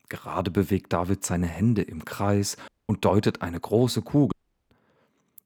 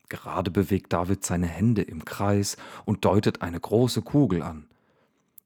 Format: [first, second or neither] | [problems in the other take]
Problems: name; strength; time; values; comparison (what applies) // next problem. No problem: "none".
second | audio cutting out; at 2.5 s and at 4.5 s